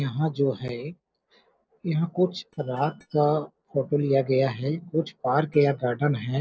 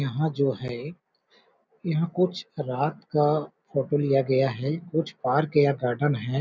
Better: second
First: noise reduction (neural separator model SepFormer DNS4)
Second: none

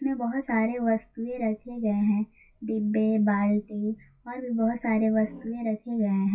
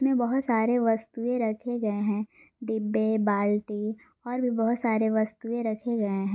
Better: second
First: noise reduction (classical method WPE with log-MMSE)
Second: none

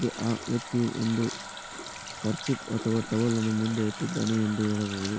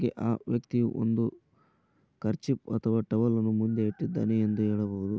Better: second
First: background sound (Water tap, faucet); 10 dB below the speech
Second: none

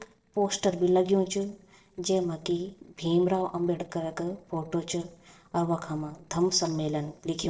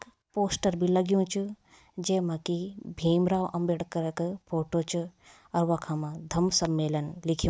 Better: second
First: noise reduction (neural separator model SepFormer DNS4)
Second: none

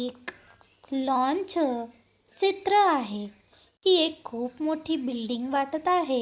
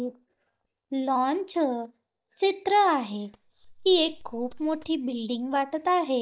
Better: first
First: none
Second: noise reduction (neural mask model DeepFilterNet 3)

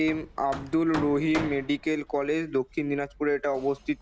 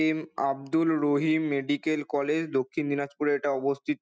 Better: second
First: background sound (Hammer); 13 dB below the speech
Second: none

